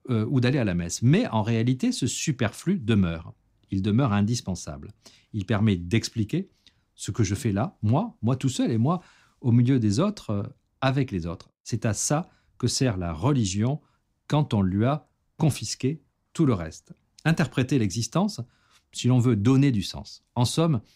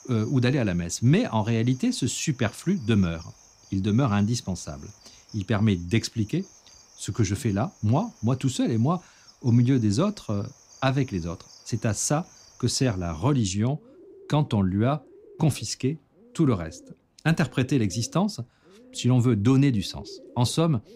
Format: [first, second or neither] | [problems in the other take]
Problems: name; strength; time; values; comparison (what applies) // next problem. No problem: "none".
first | animal sounds; faint; throughout; 25 dB below the speech